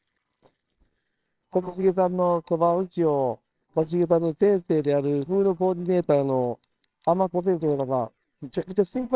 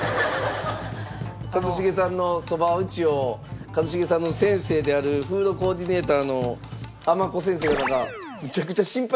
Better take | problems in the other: second | noise reduction (neural separator model SepFormer WHAMR!)

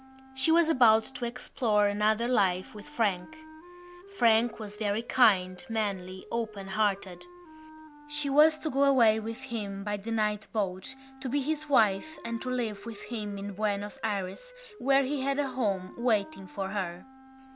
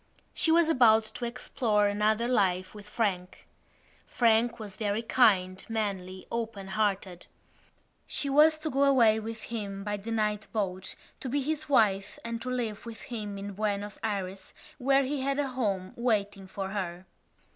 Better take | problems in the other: second | background sound (Wind instrument, woodwind instrument); 20 dB below the speech

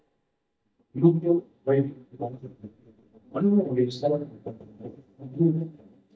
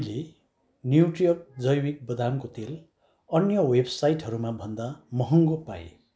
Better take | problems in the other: second | noise reduction (neural mask model DeepFilterNet 3)

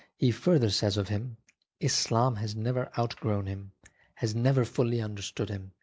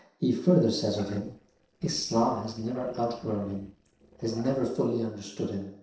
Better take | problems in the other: first | noise reduction (neural separator model SepFormer DNS4)

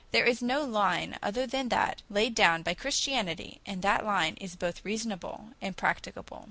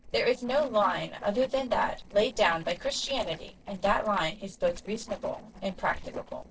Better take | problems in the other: first | noise reduction (neural separator model SepFormer DNS4)

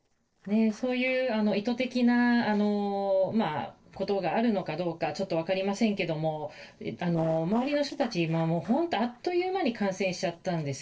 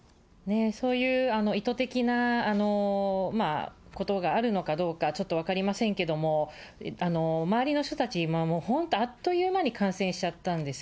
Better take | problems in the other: second | noise reduction (neural separator model SepFormer DNS4)

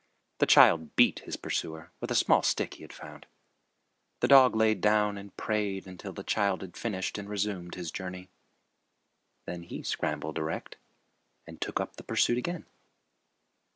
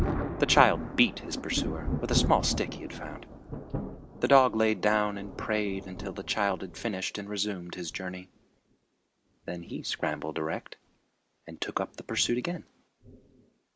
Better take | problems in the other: first | background sound (Thunder); 7 dB below the speech

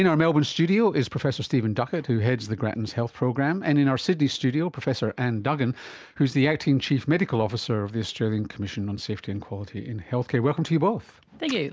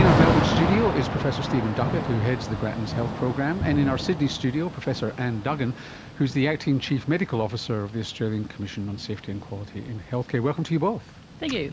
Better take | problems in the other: first | background sound (Thunder / Rain); 3 dB below the speech

